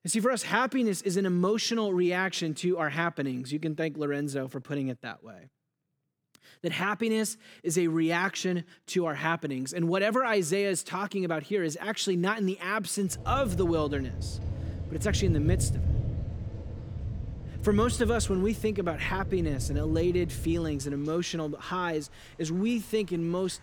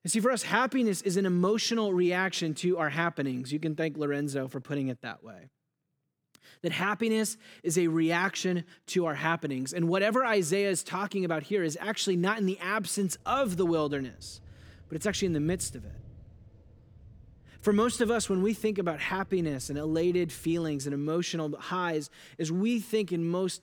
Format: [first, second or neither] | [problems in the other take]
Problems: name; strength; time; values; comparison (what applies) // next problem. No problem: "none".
second | rain or running water; loud; from 13 s on; 5 dB below the speech; faint in the second